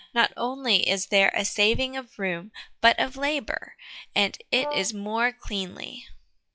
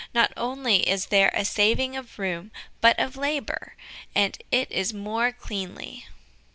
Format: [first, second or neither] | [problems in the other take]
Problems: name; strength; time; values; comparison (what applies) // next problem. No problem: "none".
second | noise reduction (classical method log-MMSE)